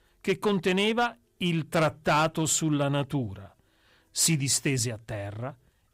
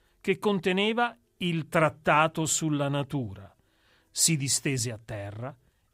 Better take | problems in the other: second | distortion; slight; 4% of the sound clipped

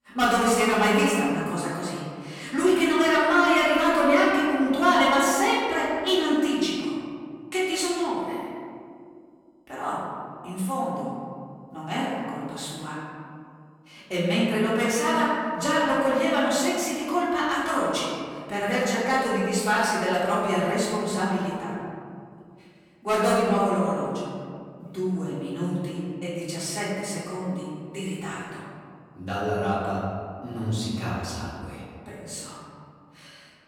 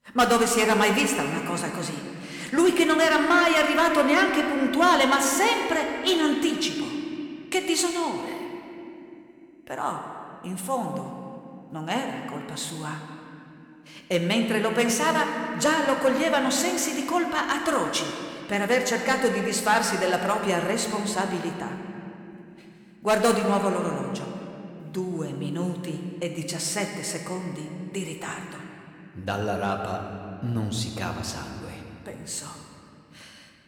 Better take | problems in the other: second | room echo; strong; dies away in 2.1 s; slight in the second // off-mic speech; far

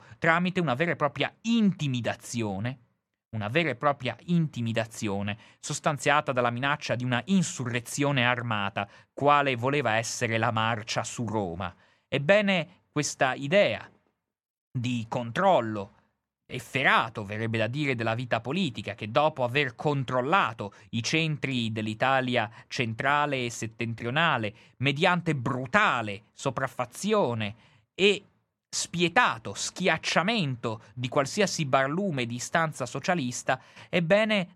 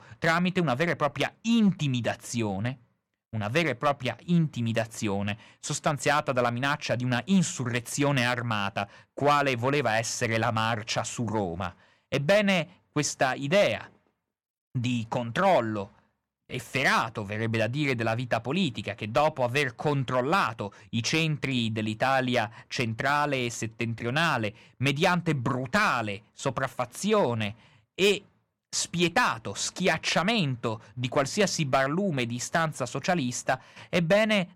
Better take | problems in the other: first | distortion; slight; 2% of the sound clipped

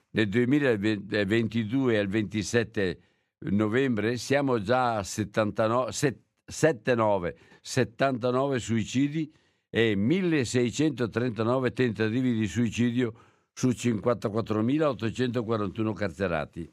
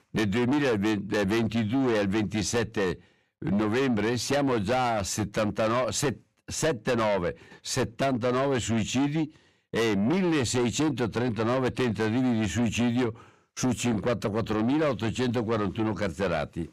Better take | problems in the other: first | distortion; heavy; 7 dB below the speech

